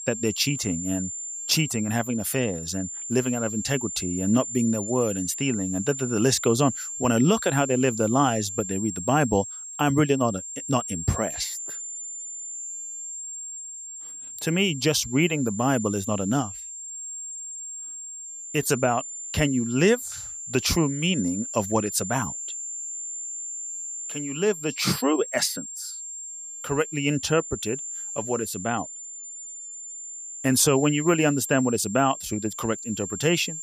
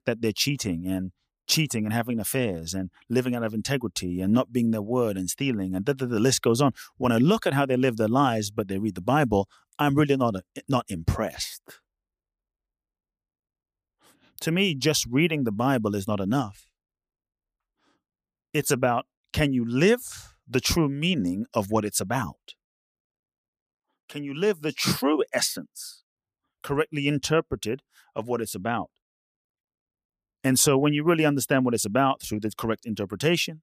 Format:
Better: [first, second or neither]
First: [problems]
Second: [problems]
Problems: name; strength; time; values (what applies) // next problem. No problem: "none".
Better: second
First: high-pitched whine; loud; throughout; 7 kHz, 8 dB below the speech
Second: none